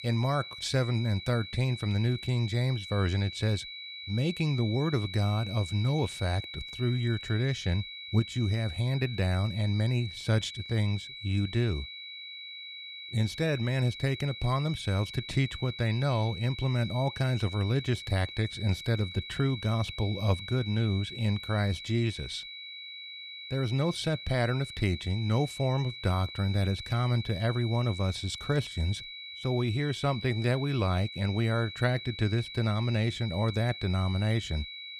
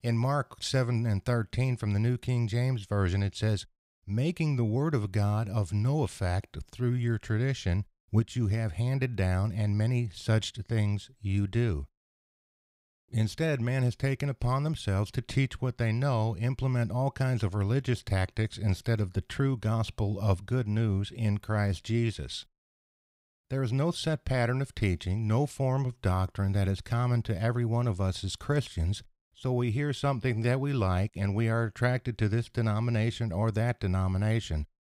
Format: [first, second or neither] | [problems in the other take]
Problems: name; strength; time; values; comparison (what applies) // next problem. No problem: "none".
second | high-pitched whine; loud; throughout; 4 kHz, 10 dB below the speech